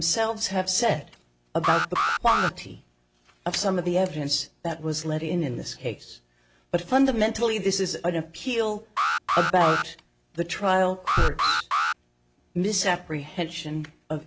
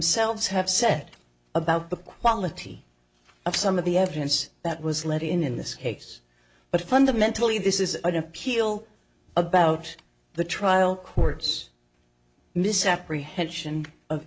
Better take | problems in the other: second | background sound (Alarm); 1 dB below the speech

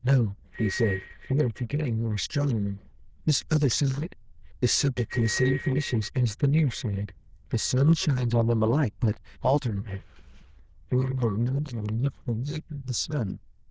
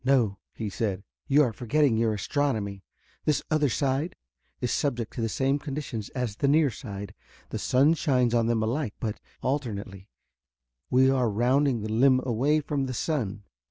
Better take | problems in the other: second | noise reduction (neural diffusion model UNIVERSE++)

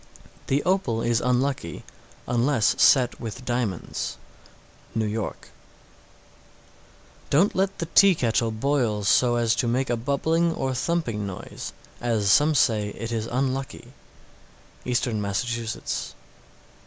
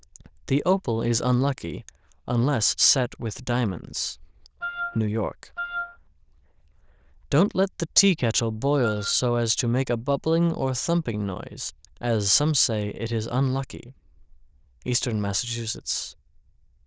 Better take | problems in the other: first | noise reduction (neural diffusion model UNIVERSE++)

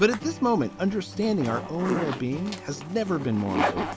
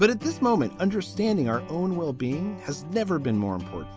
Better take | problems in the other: second | background sound (Zipper (clothing)); 7 dB below the speech

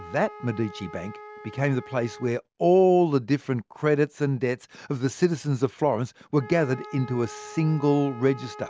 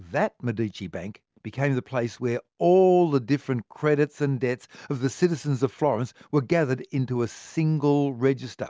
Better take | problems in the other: second | background sound (Wind instrument, woodwind instrument); 20 dB below the speech

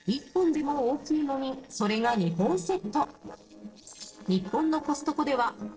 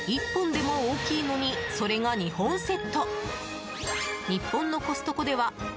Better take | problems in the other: second | noise reduction (neural separator model SepFormer DNS4)

